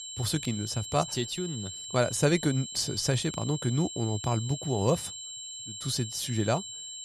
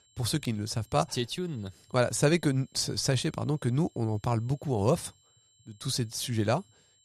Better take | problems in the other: second | high-pitched whine; loud; throughout; 7.5 kHz, 8 dB below the speech; faint in the second

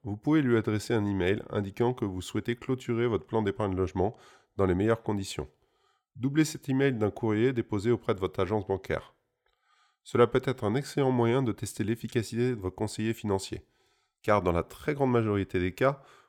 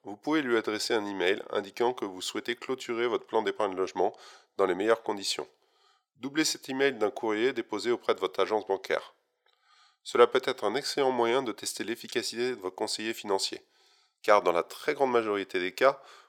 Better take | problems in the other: first | thin; somewhat; fading below 500 Hz

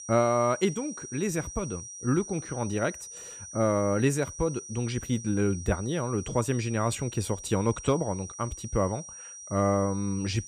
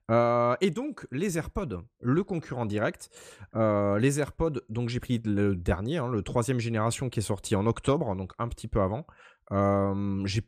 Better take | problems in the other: second | high-pitched whine; noticeable; throughout; 6 kHz, 10 dB below the speech

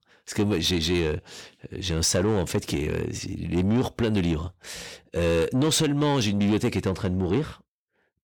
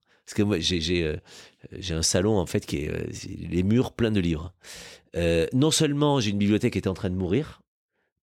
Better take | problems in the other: second | distortion; slight; 10 dB below the speech

